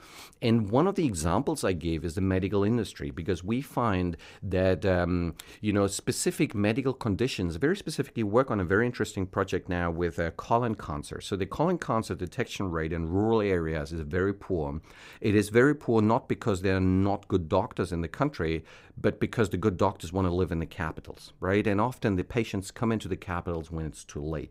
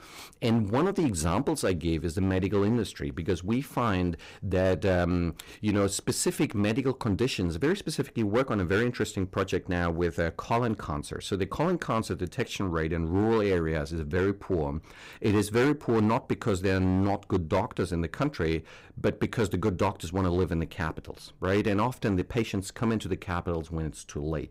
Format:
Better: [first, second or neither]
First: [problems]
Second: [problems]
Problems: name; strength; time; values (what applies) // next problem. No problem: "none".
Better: first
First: none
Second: distortion; slight; 6% of the sound clipped